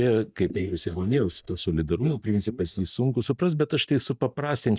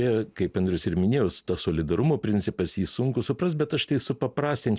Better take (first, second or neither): second